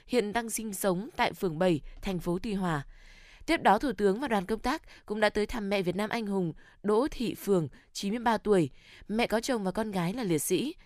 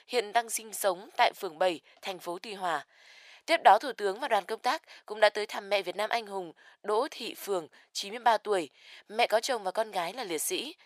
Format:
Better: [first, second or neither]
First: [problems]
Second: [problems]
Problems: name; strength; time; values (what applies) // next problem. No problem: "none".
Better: first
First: none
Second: thin; very; fading below 600 Hz